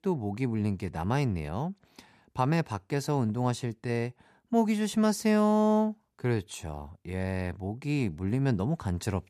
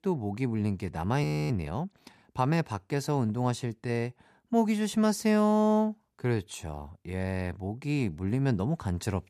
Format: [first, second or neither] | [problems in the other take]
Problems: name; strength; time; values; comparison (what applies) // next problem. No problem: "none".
first | audio freezing; at 1 s